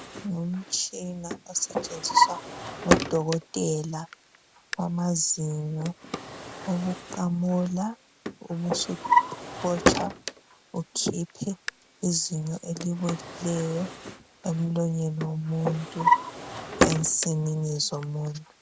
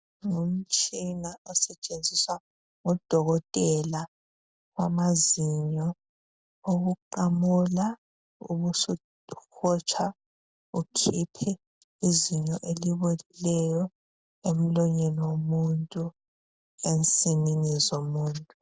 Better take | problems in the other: second | background sound (Drawer open or close); 1 dB below the speech

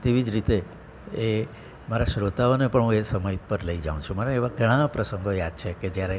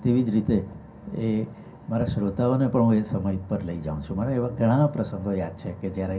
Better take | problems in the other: first | room echo; dies away in 0.3 s

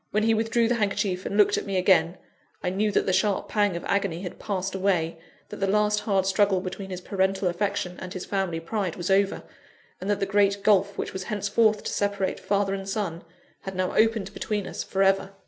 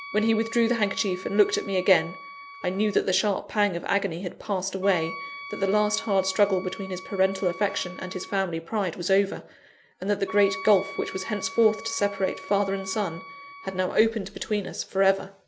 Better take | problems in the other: first | background sound (Wind instrument, woodwind instrument); 16 dB below the speech

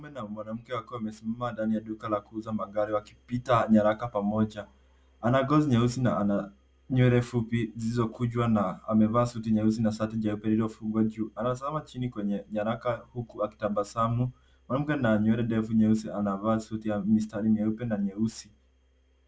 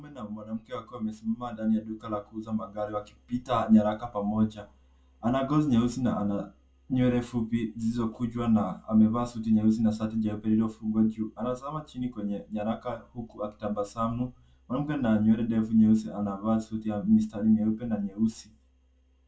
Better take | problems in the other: first | room echo; dies away in 0.2 s

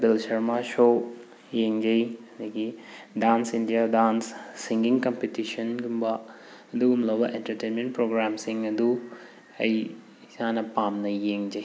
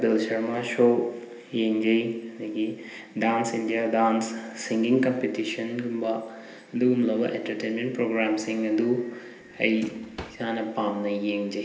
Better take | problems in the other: first | background sound (Drawer open or close); 18 dB below the speech // room echo; dies away in 1.4 s

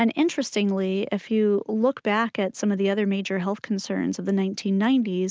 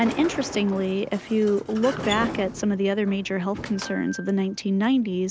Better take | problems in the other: first | background sound (Sliding door); 12 dB below the speech

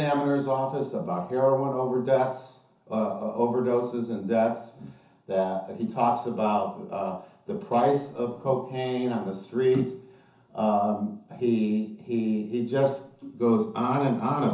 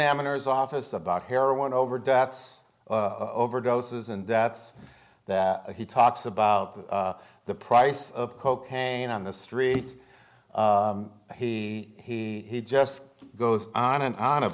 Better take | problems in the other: second | room echo; dies away in 0.9 s

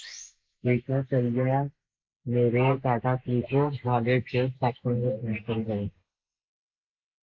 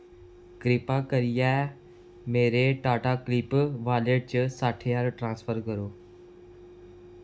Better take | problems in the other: second | noise reduction (neural mask model Resemble Enhance denoiser)

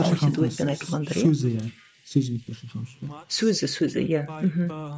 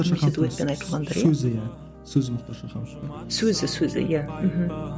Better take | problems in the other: second | noise reduction (neural mask model Resemble Enhance denoiser)

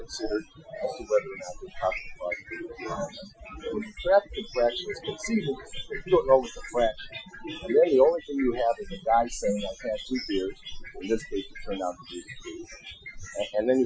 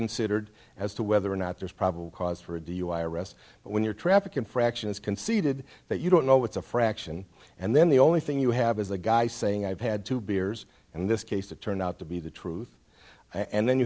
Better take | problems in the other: second | noise reduction (classical method Wiener filter)

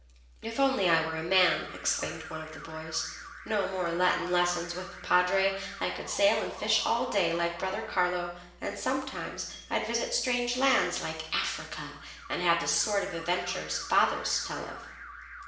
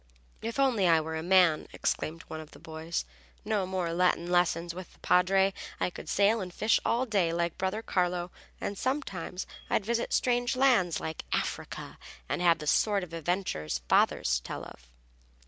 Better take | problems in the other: second | background sound (Alarm); 17 dB below the speech // room echo; dies away in 0.7 s

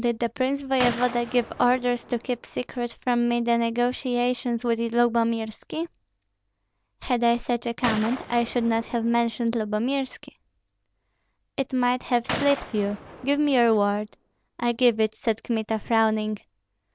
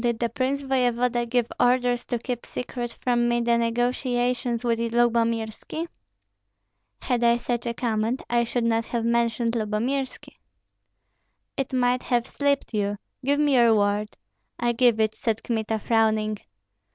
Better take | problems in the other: second | background sound (Gunshot, gunfire); 12 dB below the speech

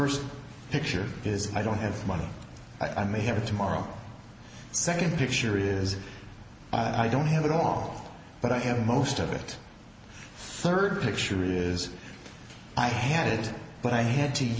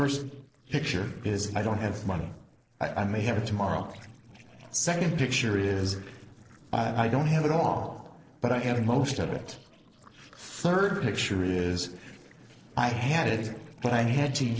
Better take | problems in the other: first | noise reduction (neural separator model SepFormer DNS4)

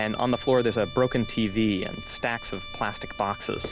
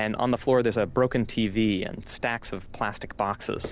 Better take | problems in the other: second | background sound (Trumpet); 15 dB below the speech

